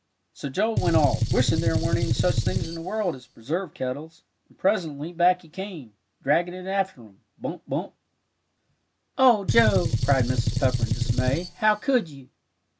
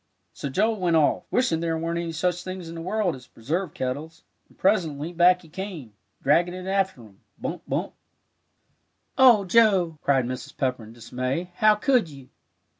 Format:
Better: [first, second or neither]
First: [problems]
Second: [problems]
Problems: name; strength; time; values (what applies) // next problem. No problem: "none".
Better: second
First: background sound (Gunshot, gunfire); 1 dB above the speech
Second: none